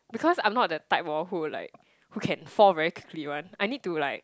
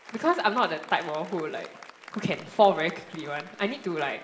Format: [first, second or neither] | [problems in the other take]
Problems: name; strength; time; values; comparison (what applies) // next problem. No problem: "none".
first | background sound (Applause); 18 dB below the speech // room echo; dies away in 0.8 s